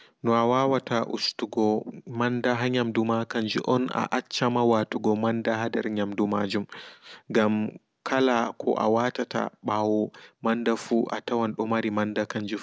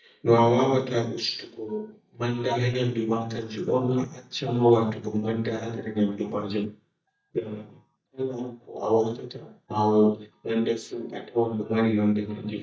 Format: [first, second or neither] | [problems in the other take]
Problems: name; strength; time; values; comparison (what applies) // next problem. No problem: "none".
first | noise reduction (neural mask model DeepFilterNet 3)